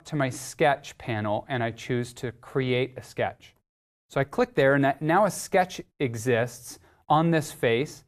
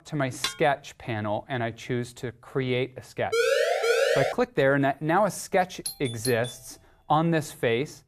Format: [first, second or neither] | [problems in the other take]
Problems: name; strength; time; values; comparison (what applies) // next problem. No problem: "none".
first | clattering dishes; noticeable; at 0.5 s; peak 4 dB below the speech // siren; loud; from 3.5 to 4.5 s; peak 5 dB above the speech // doorbell; noticeable; at 6 s; peak 7 dB below the speech